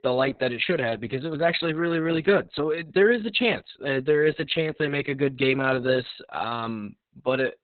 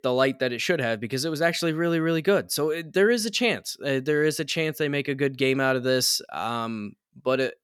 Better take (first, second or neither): second